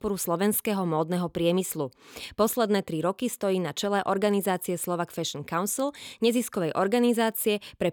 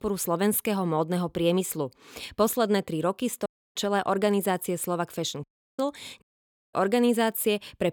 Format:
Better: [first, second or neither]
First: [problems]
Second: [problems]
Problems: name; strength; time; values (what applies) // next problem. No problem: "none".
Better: first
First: none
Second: audio cutting out; at 3.5 s, at 5.5 s and at 6 s for 0.5 s